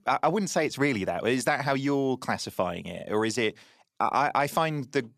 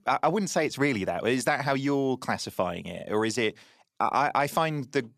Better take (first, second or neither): neither